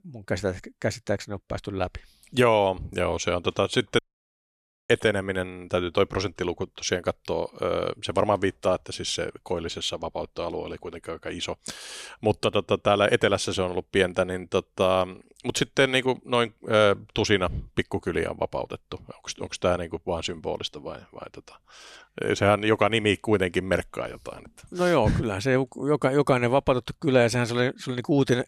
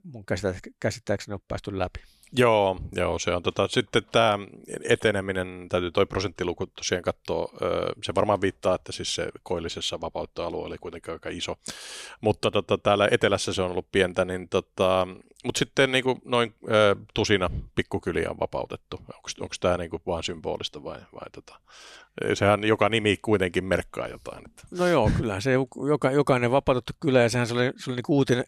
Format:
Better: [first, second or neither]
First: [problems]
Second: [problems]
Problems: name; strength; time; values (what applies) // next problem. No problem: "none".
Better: second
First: audio cutting out; at 4 s for 1 s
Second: none